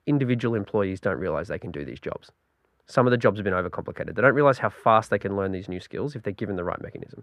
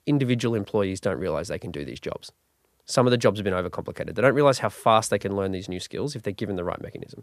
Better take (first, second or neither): second